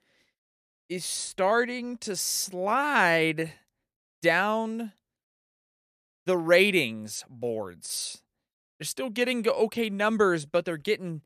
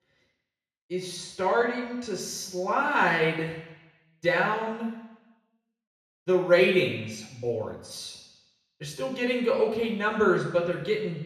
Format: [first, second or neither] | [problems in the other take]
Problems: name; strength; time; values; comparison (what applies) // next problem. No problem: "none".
first | room echo; noticeable; dies away in 1 s // off-mic speech; far